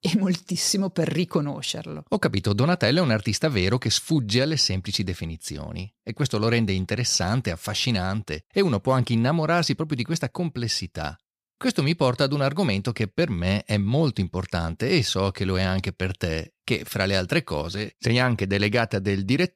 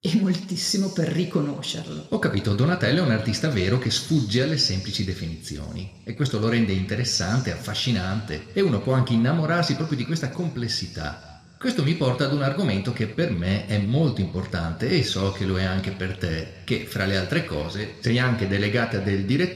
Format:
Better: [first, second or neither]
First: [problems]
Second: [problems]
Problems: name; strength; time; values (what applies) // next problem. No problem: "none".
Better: first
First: none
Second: room echo; slight; dies away in 1.7 s